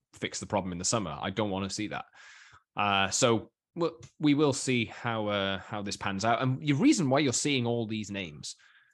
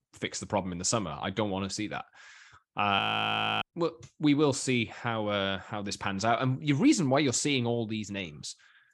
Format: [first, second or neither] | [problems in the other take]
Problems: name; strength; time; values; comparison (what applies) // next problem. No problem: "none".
first | audio freezing; at 3 s for 0.5 s